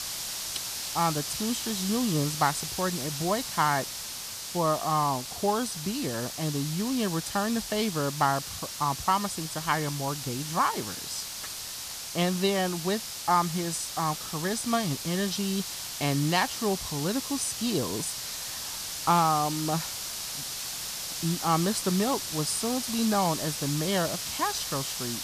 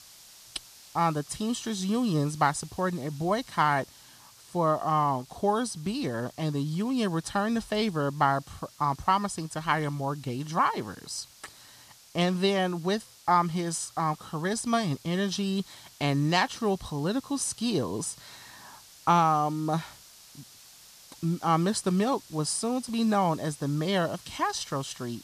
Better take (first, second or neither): second